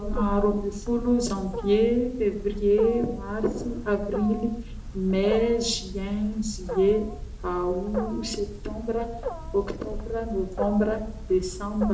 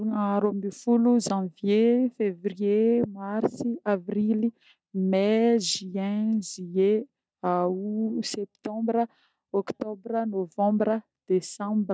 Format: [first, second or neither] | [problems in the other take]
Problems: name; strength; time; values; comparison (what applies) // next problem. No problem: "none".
second | background sound (Wild animals); 8 dB below the speech // room echo; dies away in 0.5 s